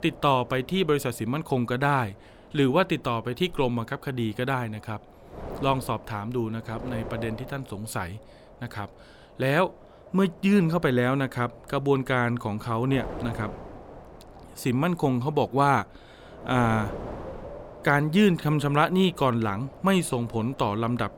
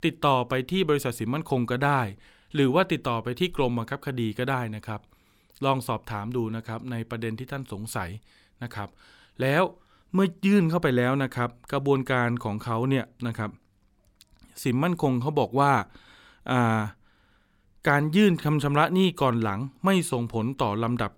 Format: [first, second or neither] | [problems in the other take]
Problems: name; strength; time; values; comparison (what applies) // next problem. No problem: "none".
second | wind noise on the microphone; occasional gusts; 15 dB below the speech